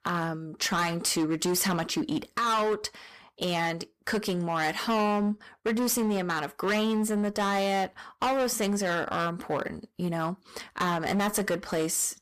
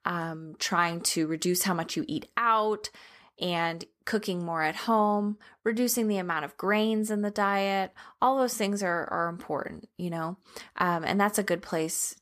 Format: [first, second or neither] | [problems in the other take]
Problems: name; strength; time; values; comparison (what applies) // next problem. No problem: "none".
second | distortion; heavy; 16% of the sound clipped